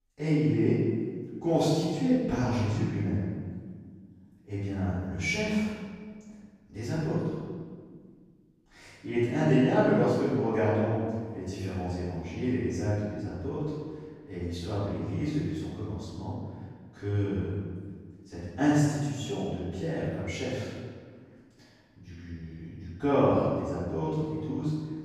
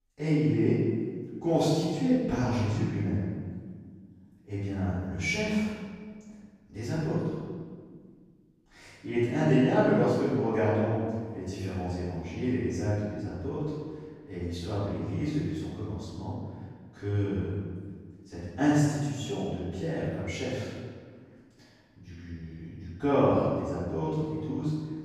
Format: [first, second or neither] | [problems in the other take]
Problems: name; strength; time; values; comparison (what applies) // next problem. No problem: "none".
neither | off-mic speech; far; the same in both // room echo; strong; dies away in 1.5 s; the same in both